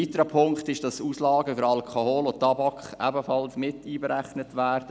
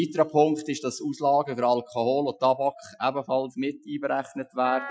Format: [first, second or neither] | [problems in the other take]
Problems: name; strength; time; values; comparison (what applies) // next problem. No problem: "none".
first | noise reduction (classical method Wiener filter)